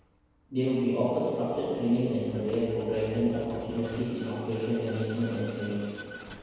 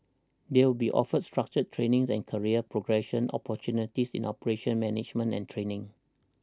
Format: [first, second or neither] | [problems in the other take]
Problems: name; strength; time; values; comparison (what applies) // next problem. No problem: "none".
second | background sound (Vehicle); 19 dB below the speech // room echo; dies away in 1.9 s